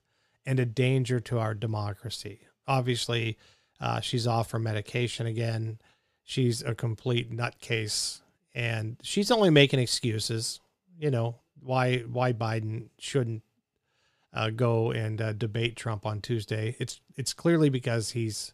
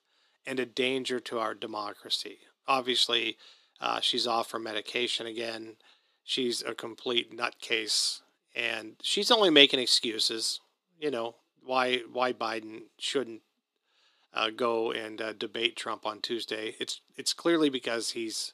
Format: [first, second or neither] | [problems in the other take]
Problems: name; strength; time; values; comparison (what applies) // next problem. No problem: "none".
first | thin; somewhat; fading below 300 Hz